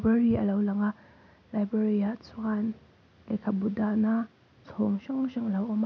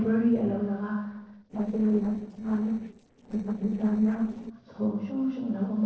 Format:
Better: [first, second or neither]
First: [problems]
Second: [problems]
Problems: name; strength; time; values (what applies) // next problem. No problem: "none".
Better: first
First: none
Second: noise reduction (neural separator model SepFormer DNS4)